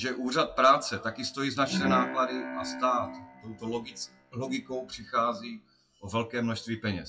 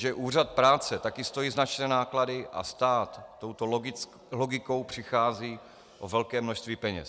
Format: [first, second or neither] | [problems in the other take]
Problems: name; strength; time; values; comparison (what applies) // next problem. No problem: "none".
second | noise reduction (classical method WPE with log-MMSE)